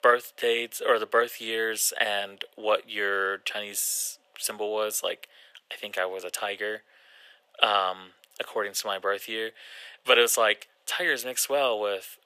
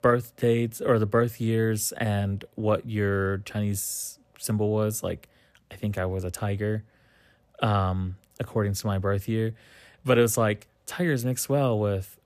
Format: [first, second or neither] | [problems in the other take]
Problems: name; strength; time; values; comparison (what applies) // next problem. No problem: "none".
second | thin; very; fading below 500 Hz